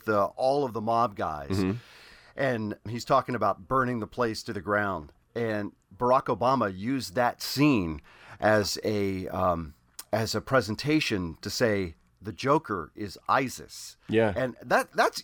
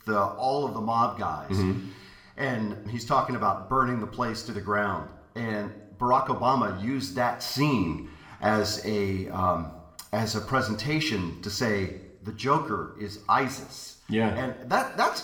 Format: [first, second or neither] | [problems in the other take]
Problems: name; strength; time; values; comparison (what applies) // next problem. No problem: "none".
first | room echo; slight; dies away in 0.7 s